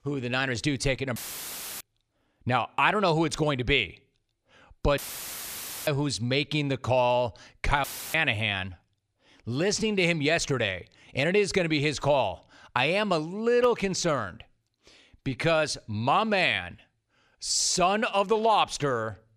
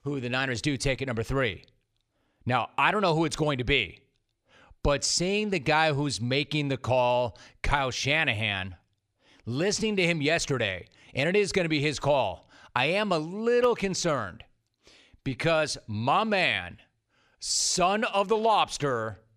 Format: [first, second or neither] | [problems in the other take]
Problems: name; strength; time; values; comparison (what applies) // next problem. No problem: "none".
second | audio cutting out; filled with static; at 1 s for 0.5 s, at 5 s for 1 s and at 8 s